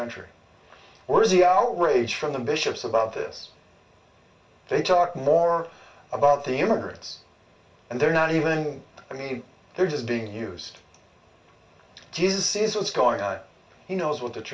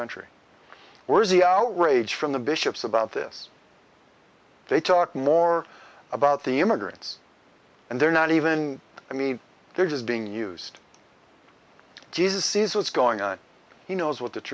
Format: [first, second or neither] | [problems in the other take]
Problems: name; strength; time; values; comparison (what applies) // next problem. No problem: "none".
second | room echo; dies away in 0.3 s